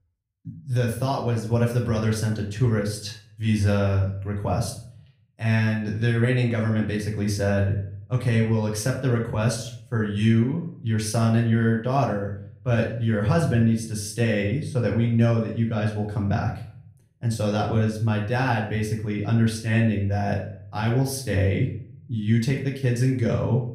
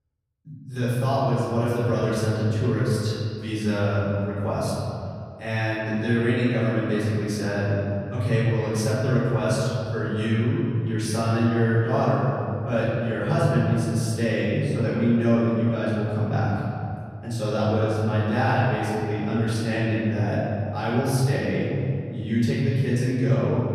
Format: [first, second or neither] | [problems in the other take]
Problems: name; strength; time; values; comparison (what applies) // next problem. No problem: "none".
first | room echo; strong; dies away in 2.3 s; slight in the first // off-mic speech; far; far in the first